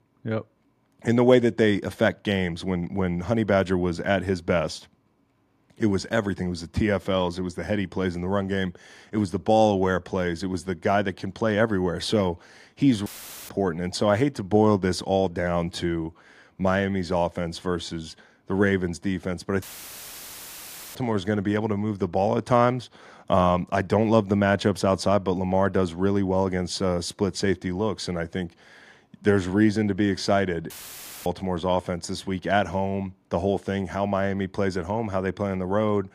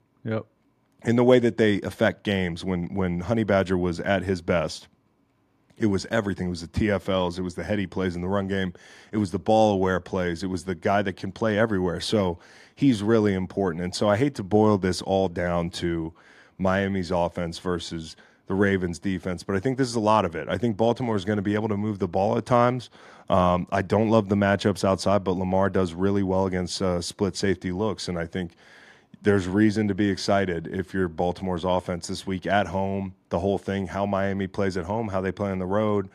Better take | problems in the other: second | audio cutting out; filled with static; at 13 s, at 20 s for 1.5 s and at 31 s for 0.5 s

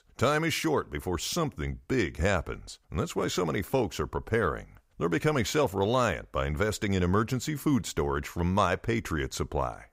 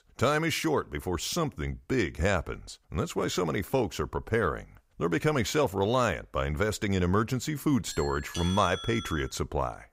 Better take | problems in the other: first | doorbell; noticeable; from 8 to 9.5 s; peak 7 dB below the speech

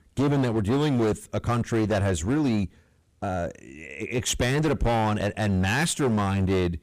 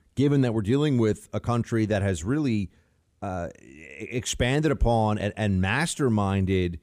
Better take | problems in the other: second | distortion; heavy; 17% of the sound clipped

